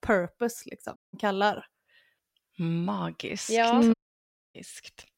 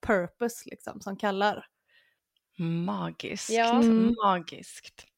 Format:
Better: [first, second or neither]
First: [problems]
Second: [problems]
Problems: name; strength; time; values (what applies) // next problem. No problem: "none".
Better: second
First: audio cutting out; at 1 s and at 4 s for 0.5 s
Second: none